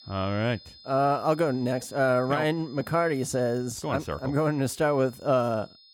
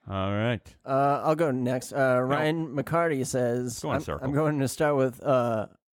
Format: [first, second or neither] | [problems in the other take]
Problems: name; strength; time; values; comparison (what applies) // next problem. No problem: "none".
second | high-pitched whine; faint; throughout; 5 kHz, 25 dB below the speech